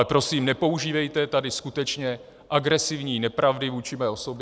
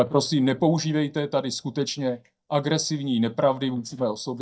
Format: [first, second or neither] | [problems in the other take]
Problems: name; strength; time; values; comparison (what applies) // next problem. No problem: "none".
first | noise reduction (neural mask model DeepFilterNet 3)